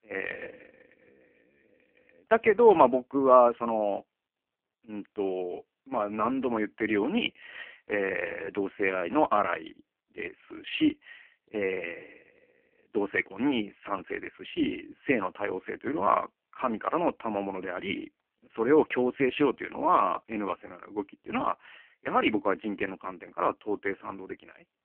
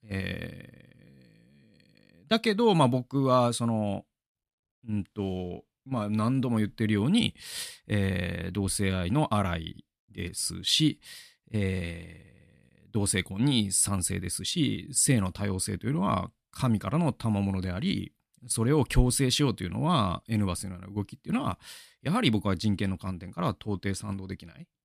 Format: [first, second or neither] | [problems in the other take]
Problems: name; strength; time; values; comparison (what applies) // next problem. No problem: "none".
second | phone-call audio; poor line; nothing above 3 kHz